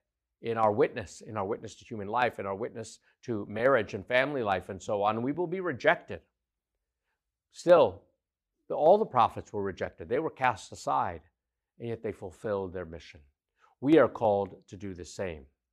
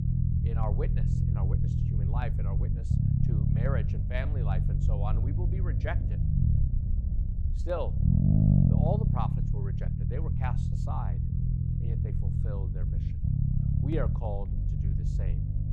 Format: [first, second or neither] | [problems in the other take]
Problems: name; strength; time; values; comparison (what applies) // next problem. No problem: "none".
first | low rumble; loud; throughout; 1 dB below the speech